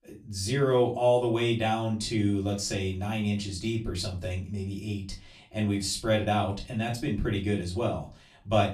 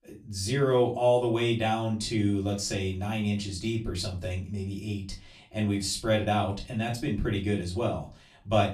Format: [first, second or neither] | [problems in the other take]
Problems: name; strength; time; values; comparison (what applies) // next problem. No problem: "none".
neither | off-mic speech; far; the same in both // room echo; slight; dies away in 0.3 s; the same in both